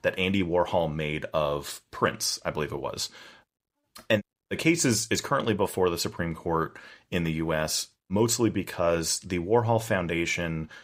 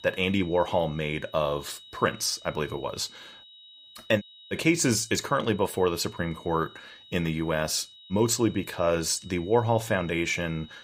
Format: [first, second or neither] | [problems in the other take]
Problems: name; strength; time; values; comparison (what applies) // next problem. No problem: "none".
first | high-pitched whine; faint; throughout; 4 kHz, 20 dB below the speech